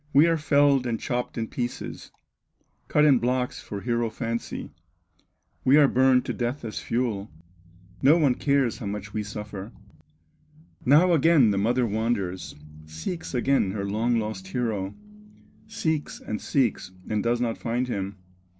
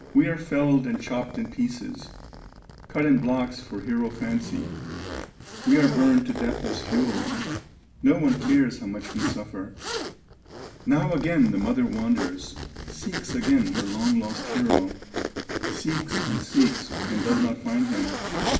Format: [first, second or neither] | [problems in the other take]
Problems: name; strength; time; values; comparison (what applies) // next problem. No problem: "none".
first | background sound (Zipper (clothing)); 7 dB below the speech // room echo; dies away in 0.6 s